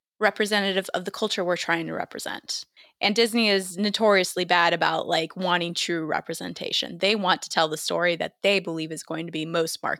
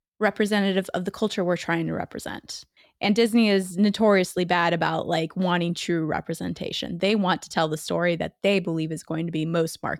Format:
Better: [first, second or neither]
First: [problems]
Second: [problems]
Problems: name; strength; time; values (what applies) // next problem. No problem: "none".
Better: second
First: thin; very slightly; fading below 600 Hz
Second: none